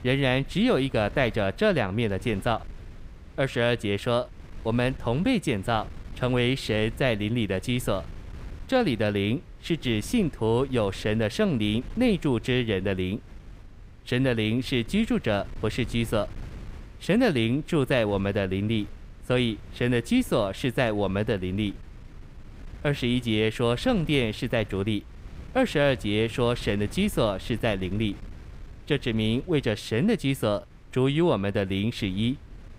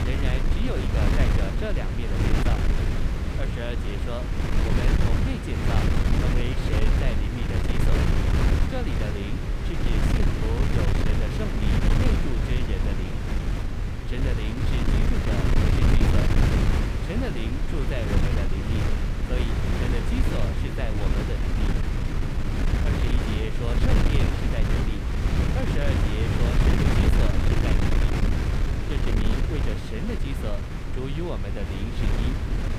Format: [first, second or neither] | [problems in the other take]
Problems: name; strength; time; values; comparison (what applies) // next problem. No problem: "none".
first | wind noise on the microphone; heavy; 4 dB above the speech; occasional gusts in the first